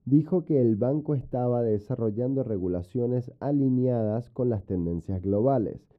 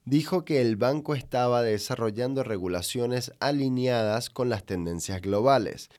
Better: second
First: muffled; very; fading above 1 kHz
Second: none

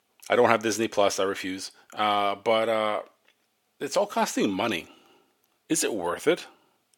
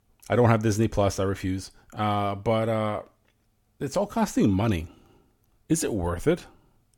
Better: second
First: thin; somewhat; fading below 350 Hz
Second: none

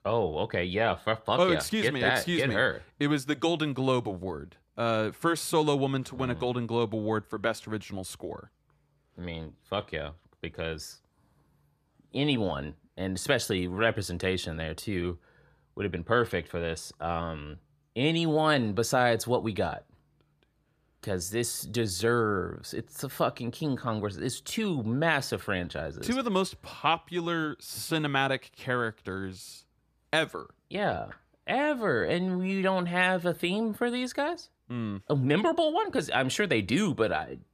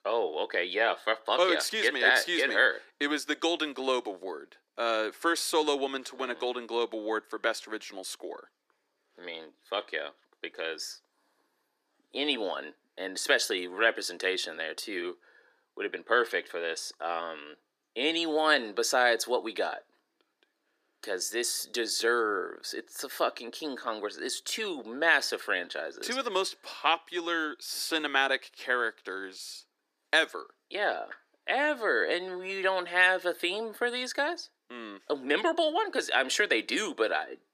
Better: first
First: none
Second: thin; somewhat; fading below 300 Hz

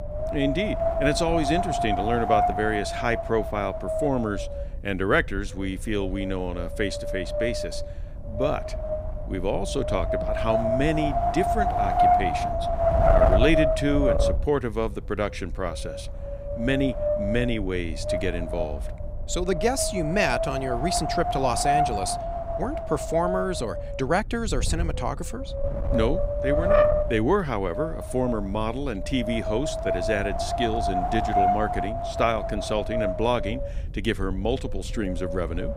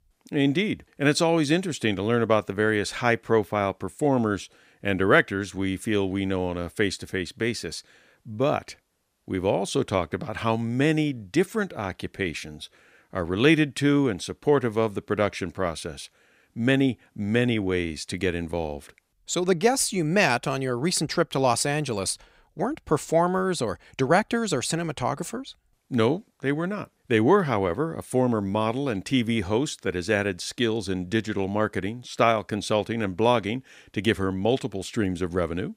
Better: second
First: wind noise on the microphone; heavy; 3 dB above the speech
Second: none

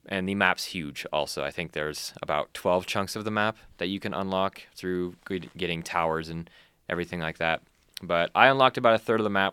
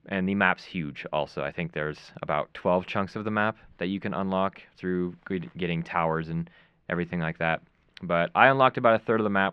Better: first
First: none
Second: muffled; slightly; fading above 2 kHz

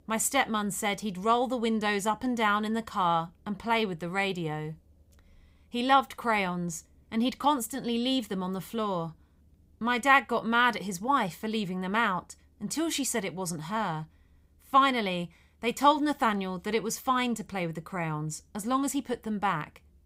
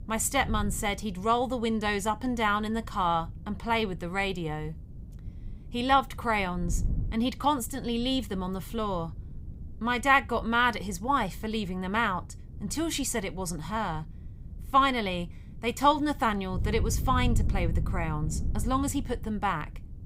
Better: first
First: none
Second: wind noise on the microphone; occasional gusts; 25 dB below the speech

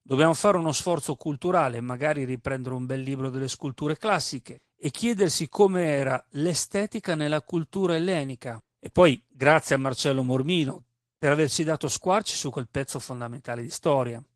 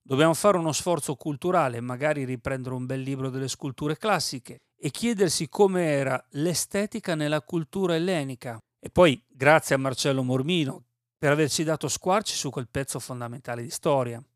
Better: second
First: garbled, watery; slightly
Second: none

